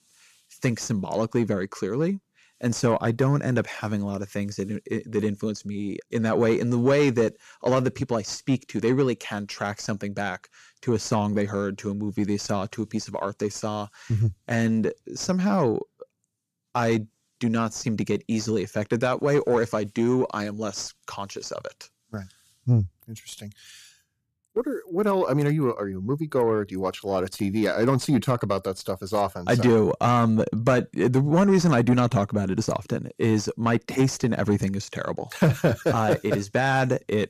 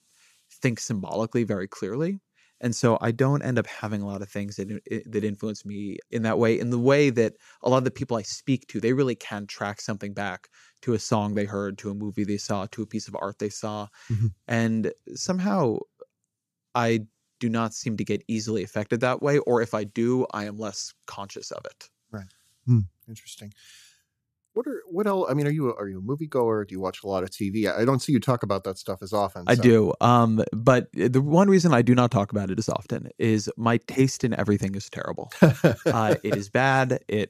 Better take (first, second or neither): second